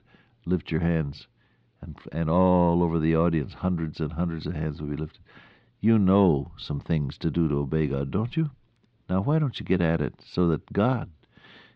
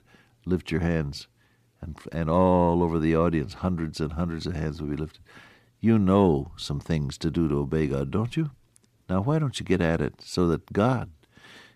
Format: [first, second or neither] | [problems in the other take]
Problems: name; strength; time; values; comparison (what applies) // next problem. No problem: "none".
second | muffled; very slightly; fading above 4 kHz